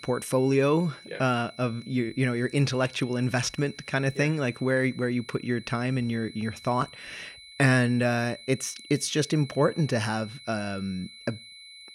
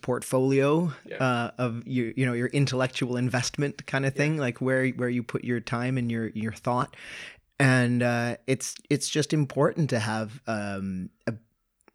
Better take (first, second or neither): second